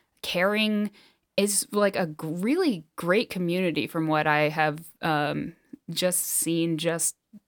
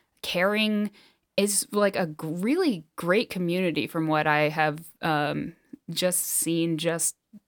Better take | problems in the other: neither | none

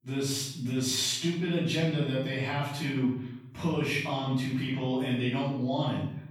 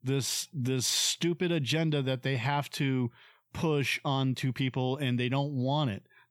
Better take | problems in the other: second | off-mic speech; far // room echo; noticeable; dies away in 0.6 s

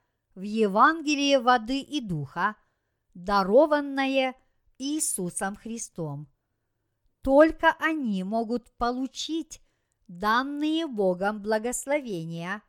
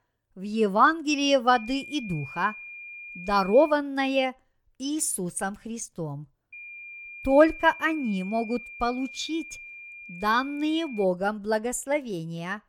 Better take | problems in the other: first | high-pitched whine; noticeable; from 1.5 to 3.5 s and from 6.5 to 11 s; 2.5 kHz, 15 dB below the speech

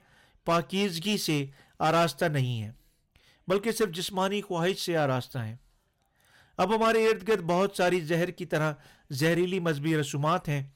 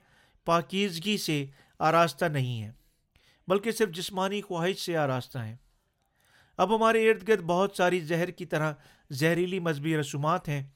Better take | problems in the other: second | distortion; slight; 5% of the sound clipped

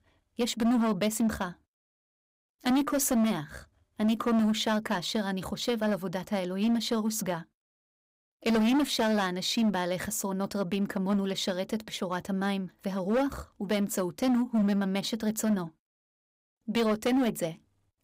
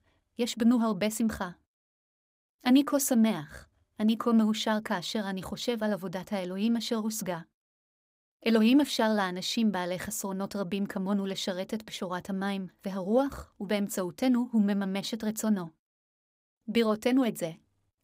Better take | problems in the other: second | distortion; slight; 9% of the sound clipped

